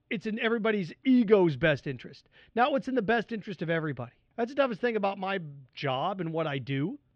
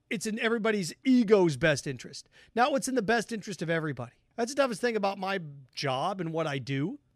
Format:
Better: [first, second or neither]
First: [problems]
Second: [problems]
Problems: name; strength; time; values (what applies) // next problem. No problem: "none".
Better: second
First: muffled; slightly; fading above 3.5 kHz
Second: none